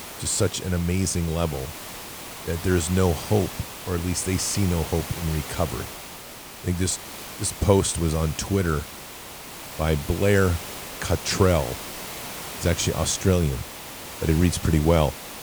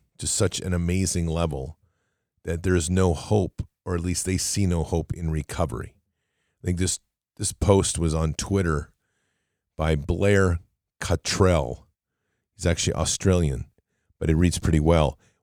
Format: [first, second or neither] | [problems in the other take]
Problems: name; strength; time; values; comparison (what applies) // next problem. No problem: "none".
second | hiss; noticeable; throughout; 10 dB below the speech